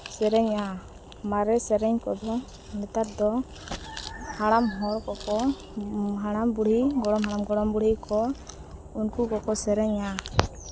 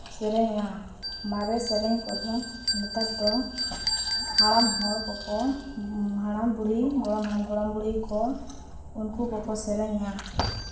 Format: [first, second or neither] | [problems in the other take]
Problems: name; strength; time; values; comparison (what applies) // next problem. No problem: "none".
first | background sound (Bell); 5 dB below the speech // room echo; dies away in 0.7 s